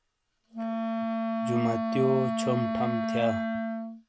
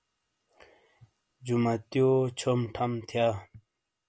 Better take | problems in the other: second | background sound (Wind instrument, woodwind instrument); 1 dB above the speech

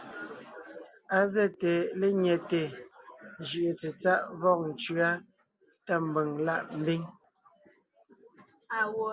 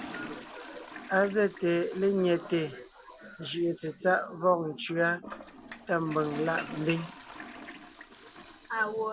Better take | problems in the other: first | background sound (Toilet flush + Dishes, pots, and pans / Chink, clink); 16 dB below the speech

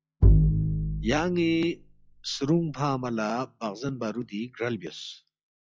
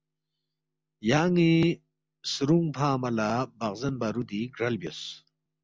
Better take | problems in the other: second | noise reduction (classical method log-MMSE)

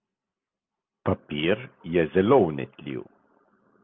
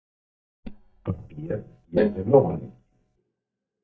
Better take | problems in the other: first | noise reduction (neural mask model DeepFilterNet 3)

